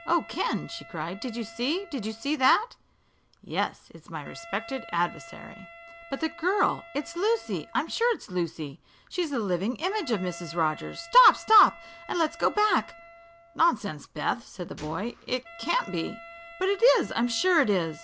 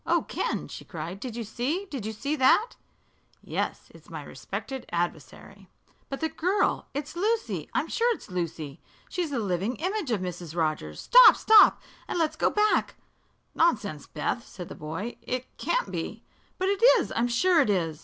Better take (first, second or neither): second